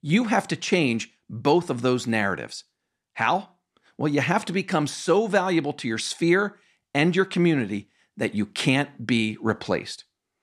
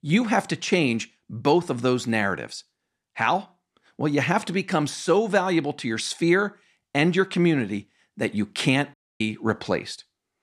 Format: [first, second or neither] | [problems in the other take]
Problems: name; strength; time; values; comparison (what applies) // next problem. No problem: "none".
first | audio cutting out; at 9 s